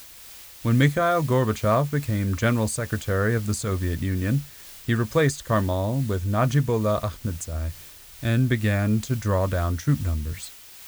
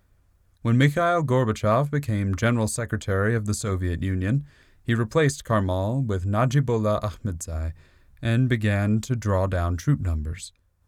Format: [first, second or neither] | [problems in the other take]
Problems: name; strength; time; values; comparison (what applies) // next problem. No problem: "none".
second | hiss; noticeable; throughout; 15 dB below the speech